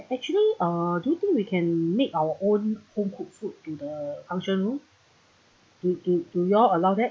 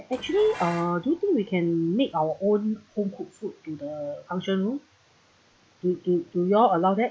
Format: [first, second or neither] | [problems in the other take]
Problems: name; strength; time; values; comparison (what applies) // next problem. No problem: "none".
first | background sound (Dishes, pots, and pans); 17 dB below the speech